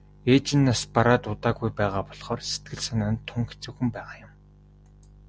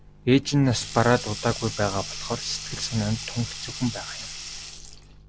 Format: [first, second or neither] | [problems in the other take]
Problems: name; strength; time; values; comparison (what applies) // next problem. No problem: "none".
first | background sound (Sink (filling or washing)); 11 dB below the speech